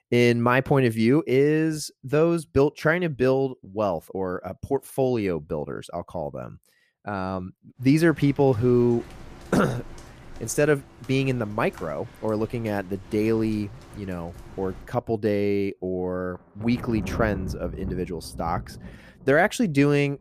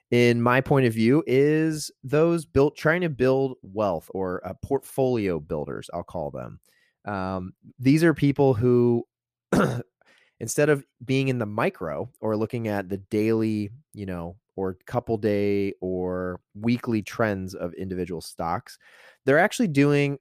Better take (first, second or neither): second